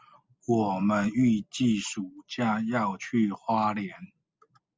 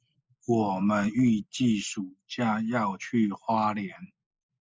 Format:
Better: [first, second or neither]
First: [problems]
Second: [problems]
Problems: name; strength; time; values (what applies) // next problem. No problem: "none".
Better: first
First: none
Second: noise reduction (neural mask model Resemble Enhance denoiser)